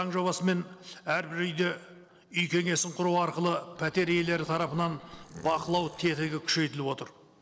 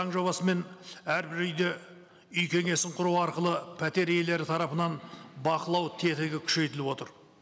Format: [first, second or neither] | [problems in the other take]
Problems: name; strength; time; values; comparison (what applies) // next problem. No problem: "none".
second | noise reduction (neural separator model SepFormer DNS4)